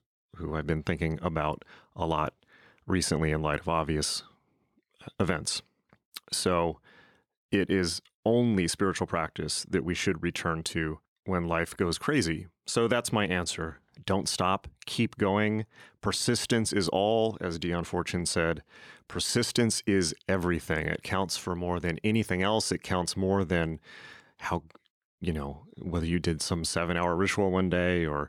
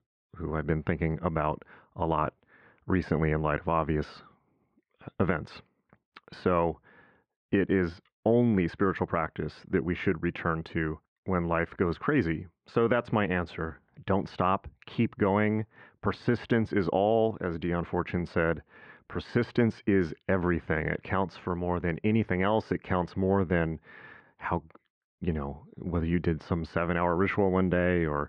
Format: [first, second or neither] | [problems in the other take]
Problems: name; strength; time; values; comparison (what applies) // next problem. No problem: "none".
first | muffled; very; fading above 2 kHz